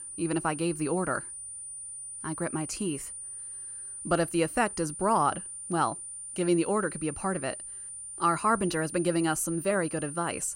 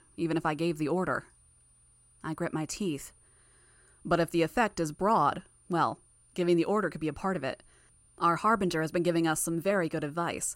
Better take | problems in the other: second | high-pitched whine; loud; throughout; 9.5 kHz, 8 dB below the speech; faint in the second

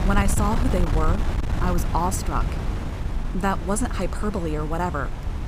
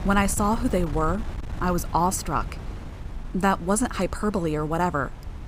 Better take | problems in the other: second | wind noise on the microphone; heavy; 8 dB below the speech; occasional gusts in the second

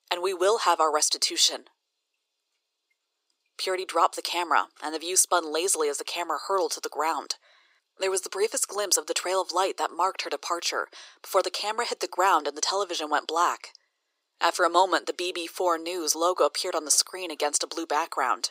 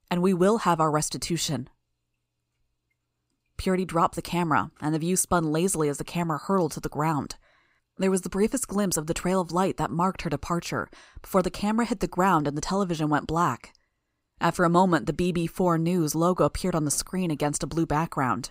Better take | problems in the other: second | thin; very; fading below 400 Hz

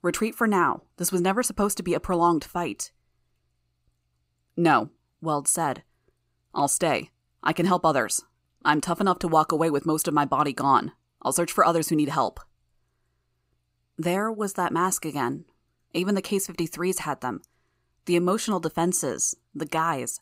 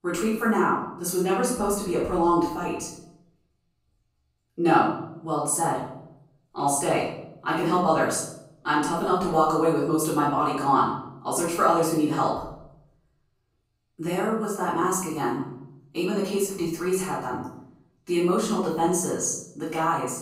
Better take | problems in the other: first | off-mic speech; far // room echo; noticeable; dies away in 0.7 s

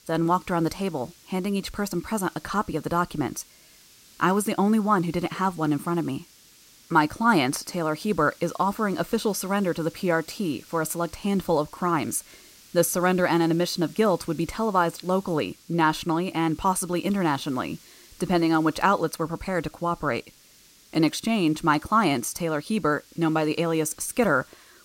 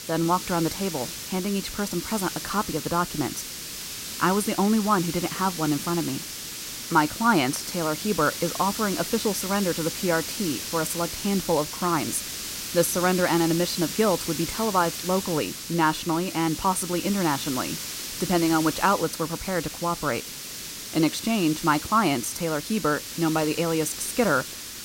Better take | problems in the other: first | hiss; loud; throughout; 6 dB below the speech; faint in the first

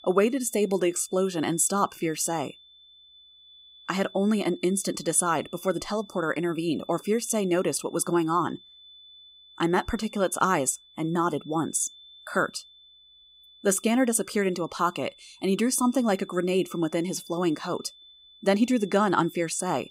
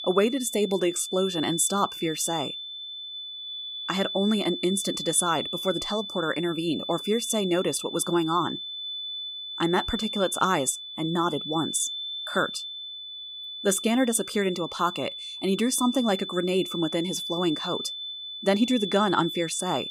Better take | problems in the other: first | high-pitched whine; loud; throughout; 3.5 kHz, 7 dB below the speech; faint in the first

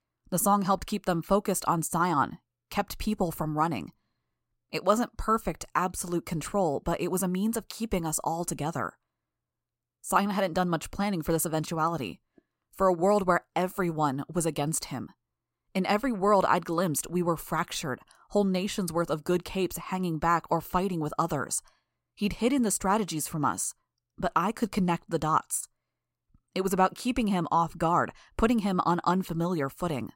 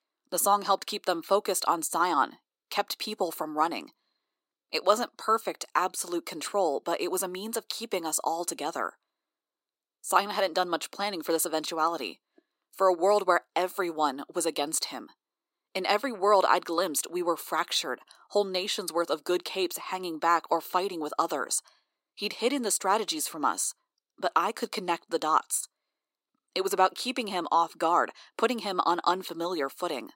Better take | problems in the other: first | thin; somewhat; fading below 300 Hz

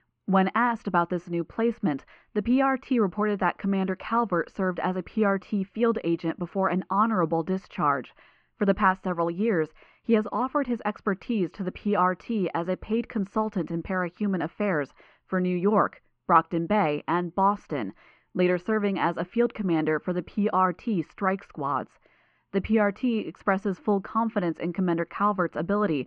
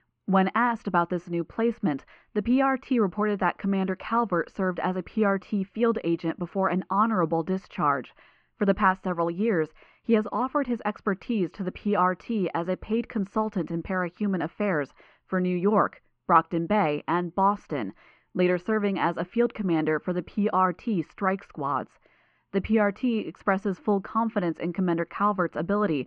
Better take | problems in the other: neither | muffled; very; fading above 2.5 kHz; the same in both

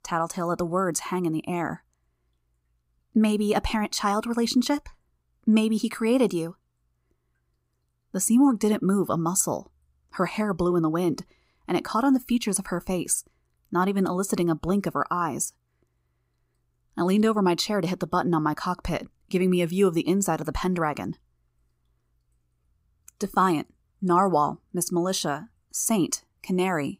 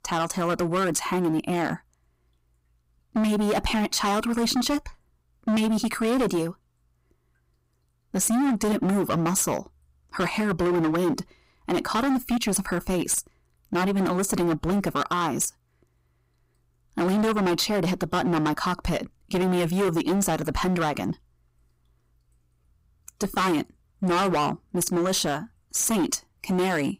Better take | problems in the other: first | distortion; heavy; 18% of the sound clipped

